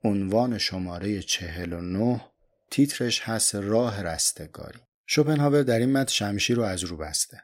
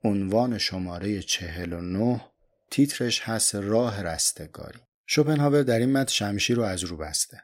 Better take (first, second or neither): neither